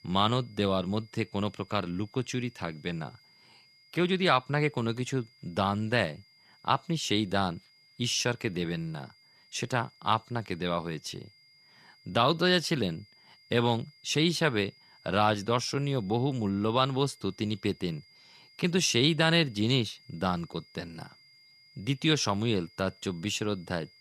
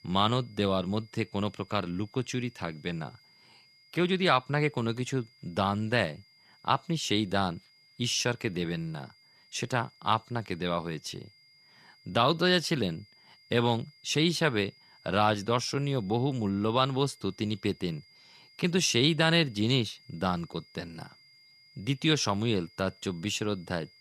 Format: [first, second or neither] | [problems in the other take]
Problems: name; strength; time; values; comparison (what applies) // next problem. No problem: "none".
neither | high-pitched whine; faint; throughout; 5 kHz, 30 dB below the speech; the same in both